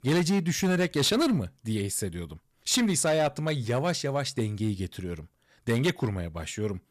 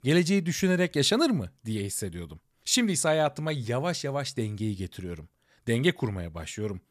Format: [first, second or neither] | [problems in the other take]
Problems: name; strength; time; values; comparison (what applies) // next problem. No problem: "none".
second | distortion; slight; 7% of the sound clipped